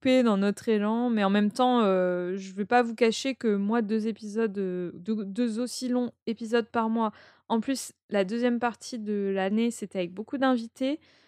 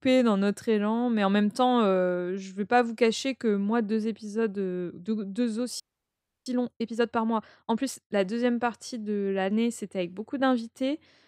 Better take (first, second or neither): first